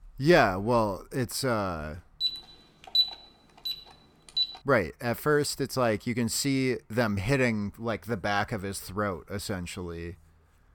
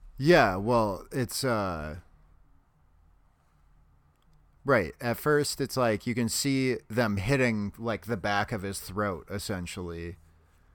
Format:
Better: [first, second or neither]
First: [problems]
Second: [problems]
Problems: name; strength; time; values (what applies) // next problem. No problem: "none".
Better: second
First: alarm; loud; from 2 to 4.5 s; peak 4 dB above the speech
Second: none